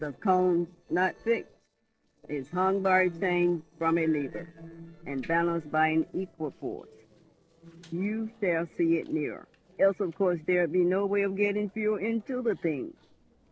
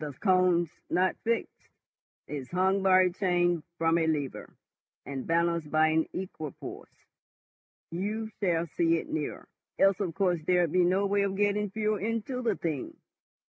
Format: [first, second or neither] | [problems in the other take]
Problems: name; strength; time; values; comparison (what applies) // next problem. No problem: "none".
second | noise reduction (neural separator model SepFormer DNS4)